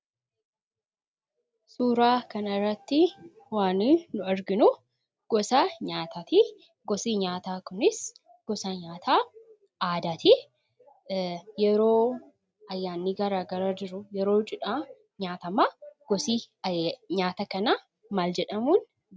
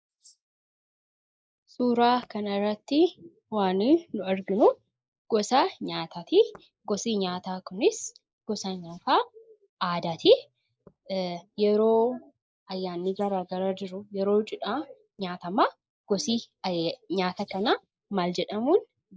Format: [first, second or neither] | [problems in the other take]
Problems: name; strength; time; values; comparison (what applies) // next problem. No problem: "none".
first | noise reduction (neural mask model Resemble Enhance denoiser)